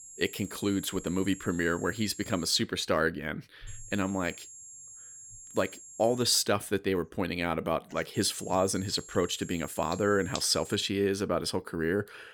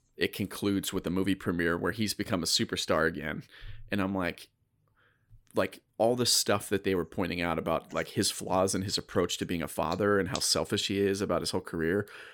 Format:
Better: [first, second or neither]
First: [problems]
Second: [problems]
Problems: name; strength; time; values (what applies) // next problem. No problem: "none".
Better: second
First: high-pitched whine; noticeable; until 2.5 s, from 3.5 to 6.5 s and from 8 to 11 s; 7.5 kHz, 15 dB below the speech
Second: none